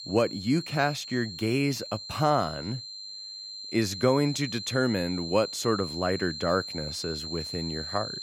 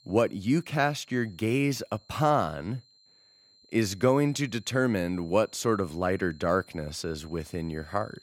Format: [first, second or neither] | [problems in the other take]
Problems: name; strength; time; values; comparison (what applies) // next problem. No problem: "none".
second | high-pitched whine; loud; throughout; 4 kHz, 8 dB below the speech; faint in the second